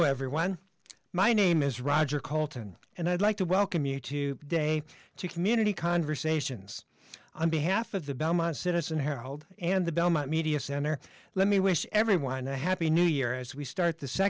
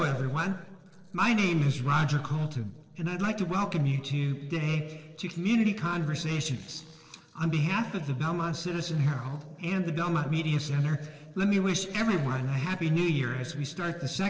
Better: first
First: none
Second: noise reduction (neural separator model SepFormer DNS4)

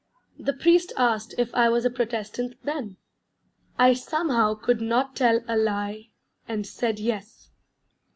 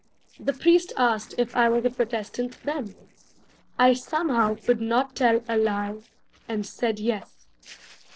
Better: first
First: none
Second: noise reduction (neural separator model SepFormer DNS4)

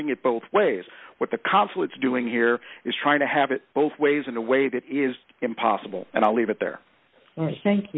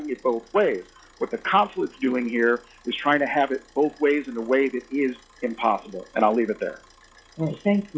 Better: first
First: none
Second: noise reduction (classical method log-MMSE)

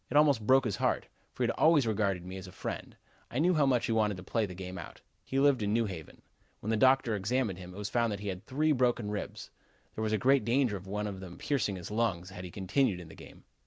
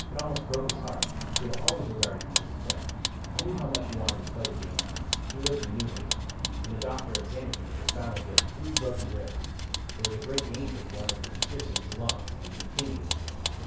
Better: first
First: none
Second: background sound (Vehicle); 5 dB above the speech // room echo; dies away in 0.6 s

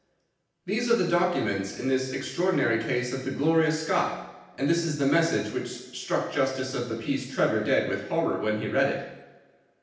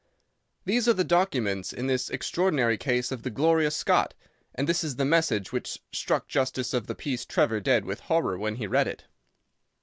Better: second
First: room echo; dies away in 0.9 s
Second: none

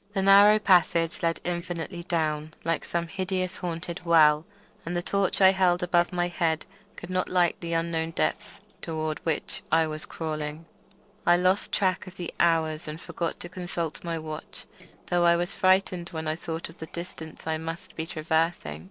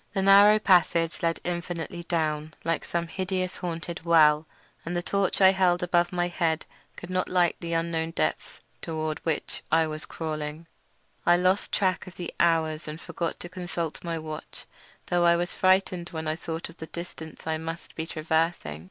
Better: second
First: noise reduction (neural separator model SepFormer DNS4)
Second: none

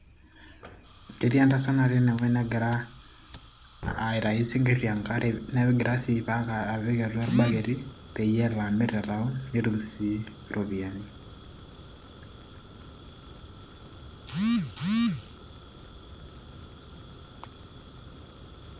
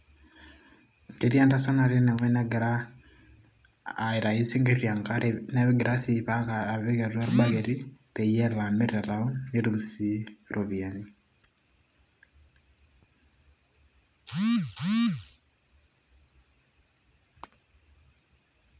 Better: second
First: background sound (Fire); 17 dB below the speech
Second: none

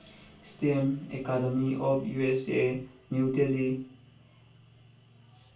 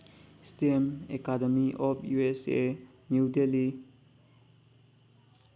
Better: second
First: room echo; dies away in 0.2 s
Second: none

